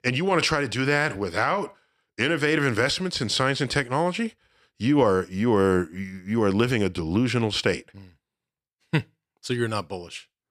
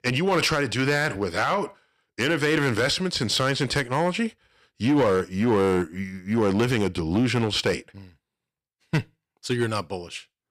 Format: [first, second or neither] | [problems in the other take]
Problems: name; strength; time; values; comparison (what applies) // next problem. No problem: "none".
first | distortion; slight; 5% of the sound clipped